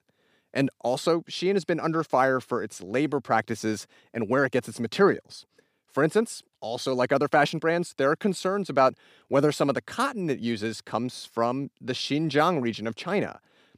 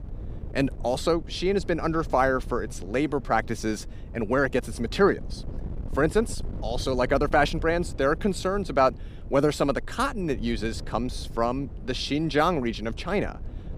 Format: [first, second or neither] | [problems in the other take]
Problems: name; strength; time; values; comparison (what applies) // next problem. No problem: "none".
first | wind noise on the microphone; occasional gusts; 25 dB below the speech